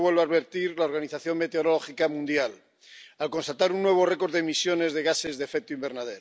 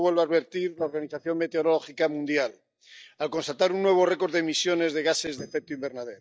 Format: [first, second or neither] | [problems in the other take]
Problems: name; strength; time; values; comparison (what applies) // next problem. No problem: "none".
first | noise reduction (neural mask model DeepFilterNet 3)